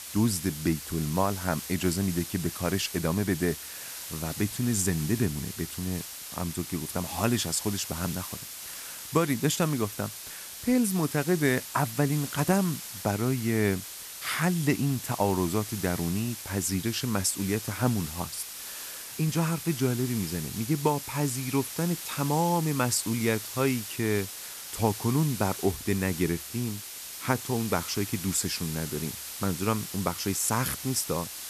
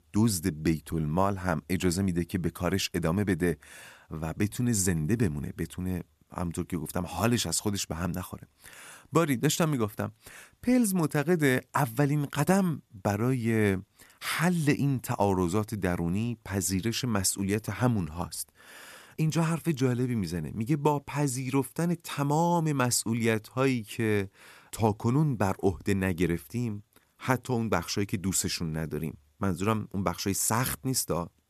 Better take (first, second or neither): second